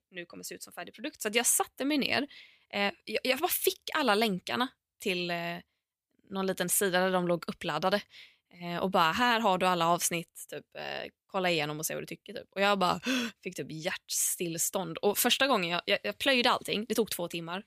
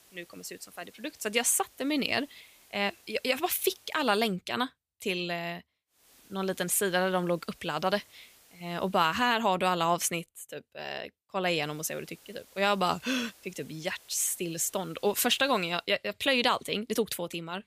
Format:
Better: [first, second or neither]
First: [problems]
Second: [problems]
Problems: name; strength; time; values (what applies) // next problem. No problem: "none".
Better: first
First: none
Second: hiss; faint; until 4.5 s, from 6 to 9.5 s and from 12 to 16 s; 25 dB below the speech